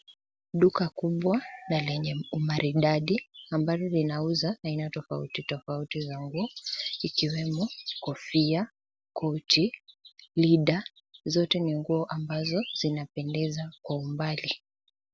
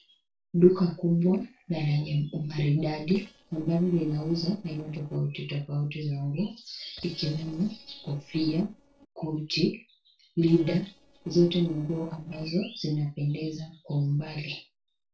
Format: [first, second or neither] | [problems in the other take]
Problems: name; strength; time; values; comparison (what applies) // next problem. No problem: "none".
first | noise reduction (neural separator model SepFormer DNS4)